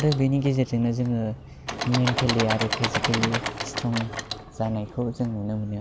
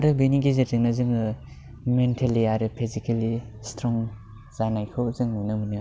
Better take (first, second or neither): second